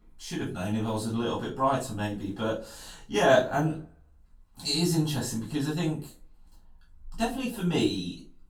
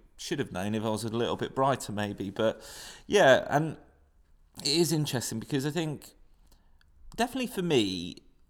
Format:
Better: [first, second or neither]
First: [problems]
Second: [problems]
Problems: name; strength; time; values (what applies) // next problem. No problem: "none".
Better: second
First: off-mic speech; far // room echo; slight; dies away in 0.3 s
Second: none